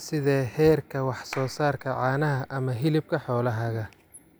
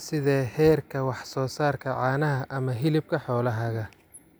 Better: second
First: background sound (Clapping); 18 dB below the speech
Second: none

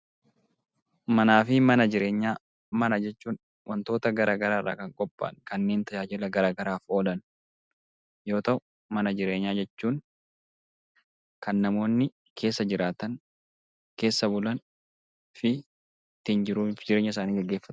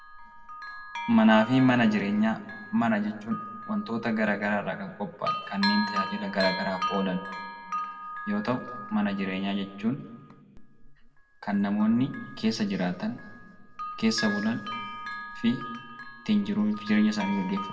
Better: first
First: none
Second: background sound (Bell); 10 dB below the speech // room echo; dies away in 1.2 s

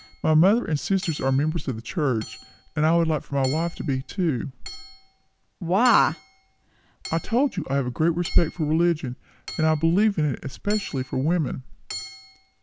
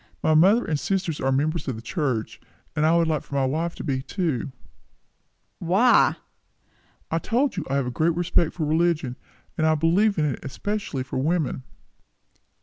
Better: second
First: background sound (Hammer / Chink, clink); 19 dB below the speech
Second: none

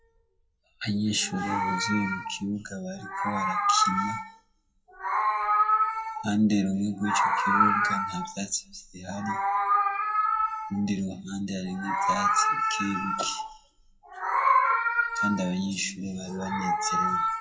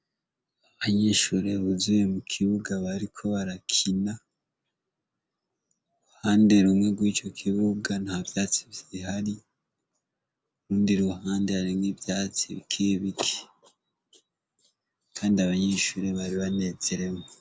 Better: second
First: noise reduction (classical method WPE with log-MMSE)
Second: none

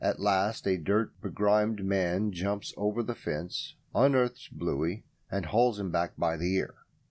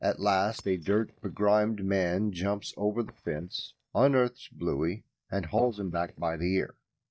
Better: first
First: none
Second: noise reduction (neural mask model DeepFilterNet 3)

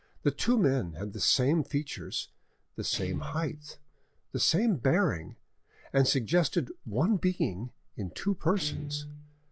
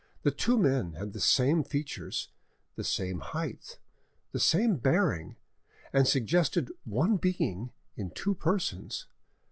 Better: second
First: background sound (Guitar); 17 dB below the speech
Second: none

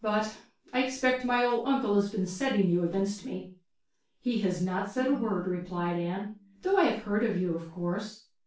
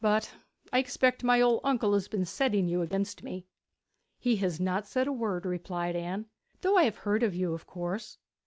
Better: second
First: background sound (Ringtone); 16 dB below the speech // room echo; dies away in 0.3 s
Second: none

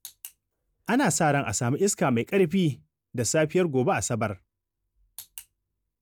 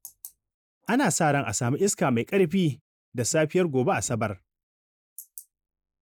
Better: first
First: none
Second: noise reduction (neural mask model Resemble Enhance denoiser)

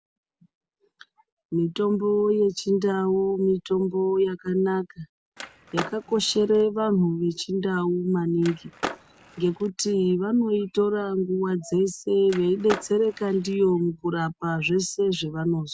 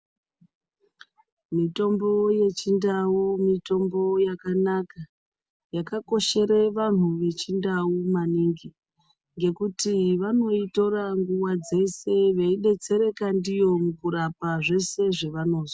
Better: second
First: background sound (Skateboard); 12 dB below the speech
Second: none

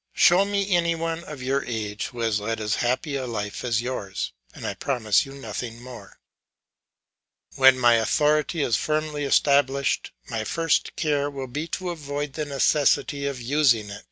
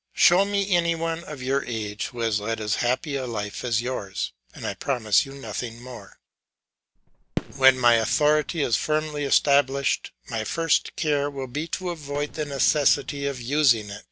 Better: first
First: none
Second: noise reduction (neural separator model SepFormer DNS4)

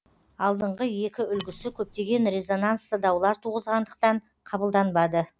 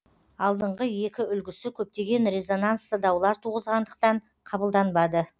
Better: second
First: background sound (Wood); 19 dB below the speech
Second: none

